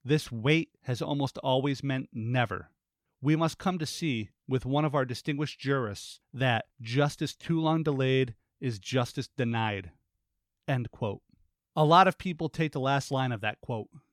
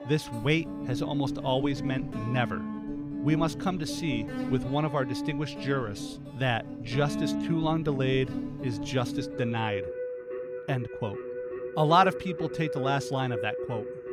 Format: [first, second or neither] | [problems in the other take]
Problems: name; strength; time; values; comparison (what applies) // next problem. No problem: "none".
first | background music; loud; throughout; 6 dB below the speech